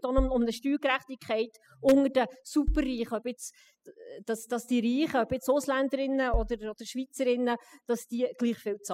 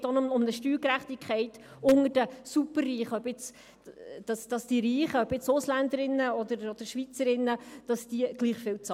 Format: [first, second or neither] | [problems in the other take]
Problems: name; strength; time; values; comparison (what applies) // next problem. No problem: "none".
second | noise reduction (classical method spectral subtraction)